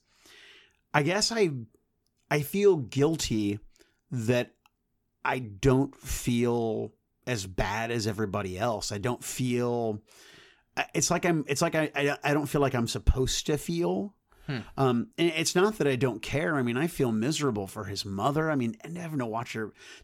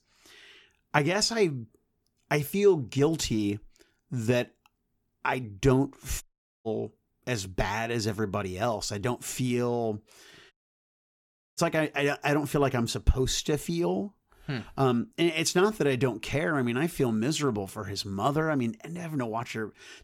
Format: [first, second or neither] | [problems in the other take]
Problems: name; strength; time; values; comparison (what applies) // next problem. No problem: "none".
first | audio cutting out; at 6 s and at 11 s for 1 s